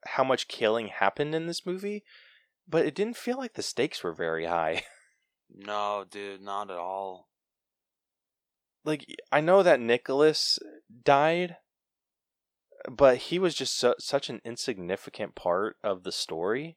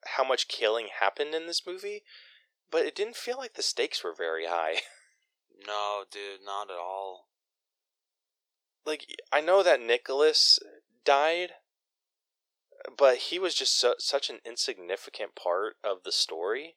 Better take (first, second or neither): first